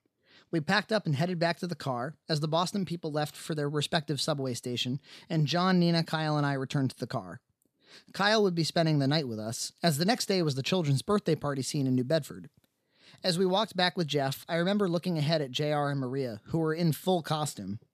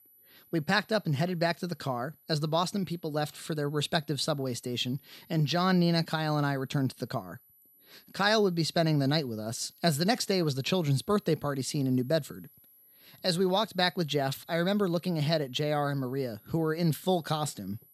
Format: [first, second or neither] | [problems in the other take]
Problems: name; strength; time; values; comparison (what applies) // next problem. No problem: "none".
first | high-pitched whine; faint; throughout; 12 kHz, 30 dB below the speech